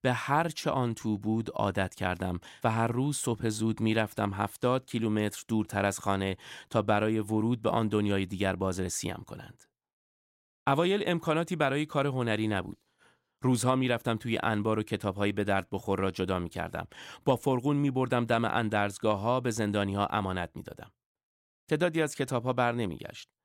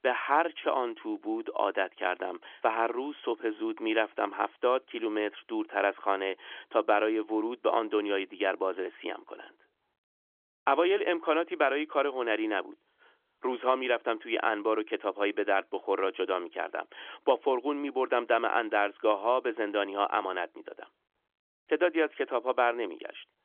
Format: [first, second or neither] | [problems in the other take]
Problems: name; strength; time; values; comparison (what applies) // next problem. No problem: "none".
first | phone-call audio; nothing above 3.5 kHz